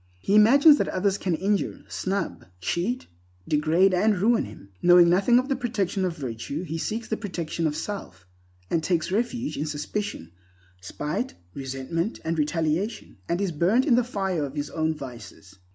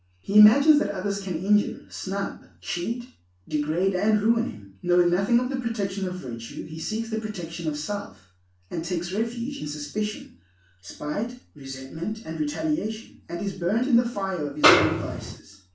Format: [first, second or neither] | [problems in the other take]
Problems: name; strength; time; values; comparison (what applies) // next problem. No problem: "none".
first | background sound (Snare drum); 5 dB above the speech // room echo; dies away in 0.3 s